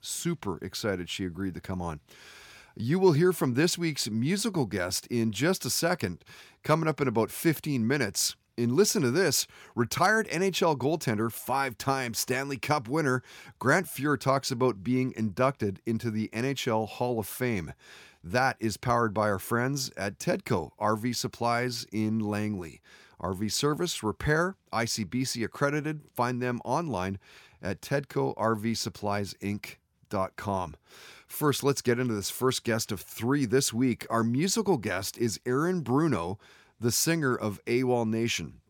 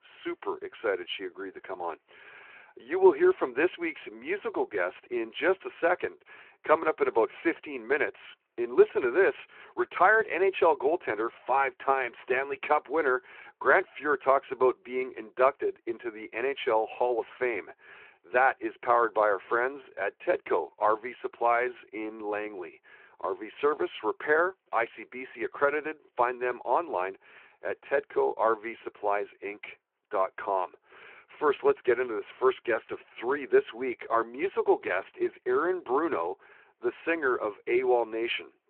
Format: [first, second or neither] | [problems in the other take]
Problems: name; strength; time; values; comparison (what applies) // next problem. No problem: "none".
first | phone-call audio